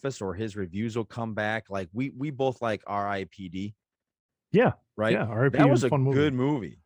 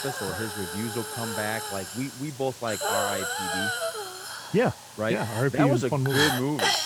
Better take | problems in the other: first | hiss; loud; throughout; 1 dB below the speech

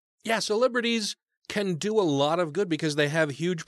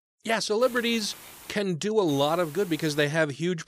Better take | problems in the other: first | hiss; noticeable; at 0.5 s and at 2 s; 20 dB below the speech

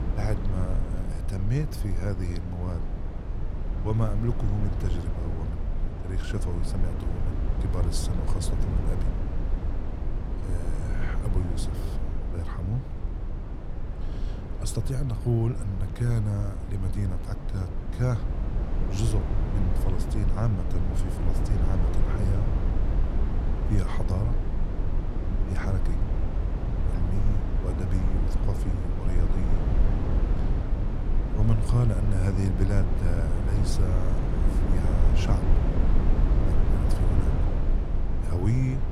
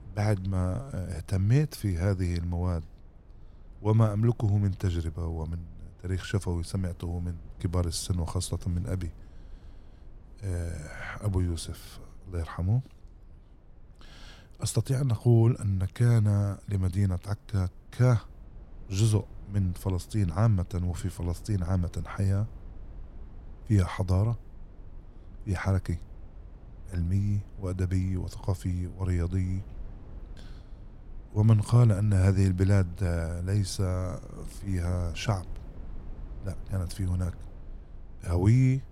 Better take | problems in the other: second | low rumble; loud; throughout; 1 dB below the speech; faint in the second

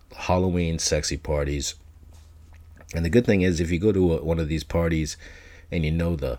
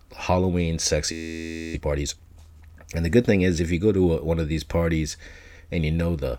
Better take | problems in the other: first | audio freezing; at 1 s for 0.5 s

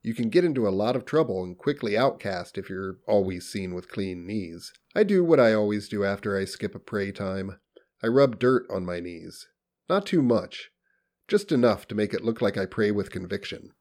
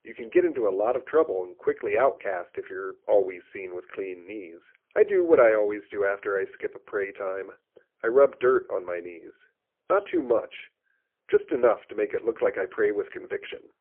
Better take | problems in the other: first | phone-call audio; poor line; nothing above 3 kHz

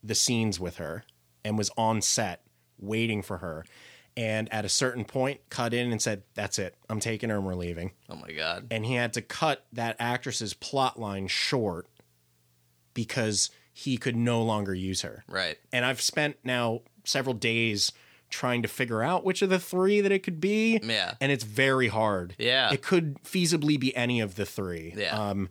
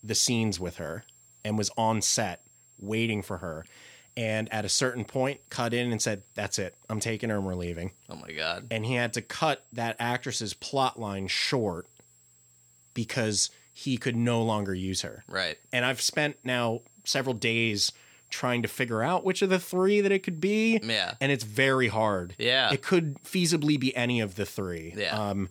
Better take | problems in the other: first | high-pitched whine; faint; throughout; 7.5 kHz, 30 dB below the speech

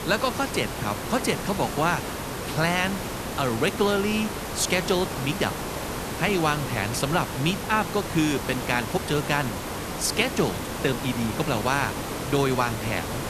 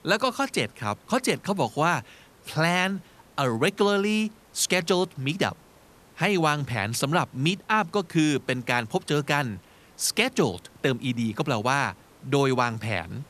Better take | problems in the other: second | hiss; loud; throughout; 5 dB below the speech; faint in the second

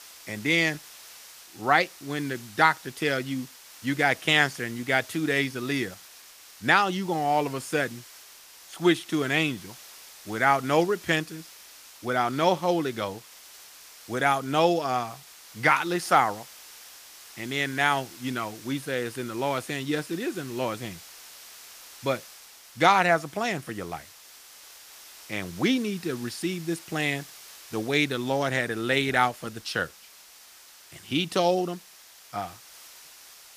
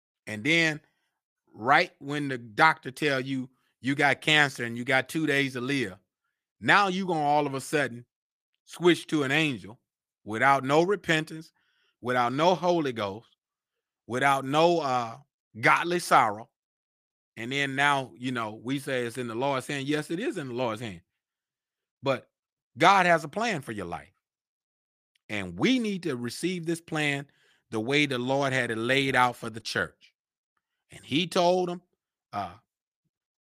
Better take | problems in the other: second | hiss; noticeable; throughout; 20 dB below the speech

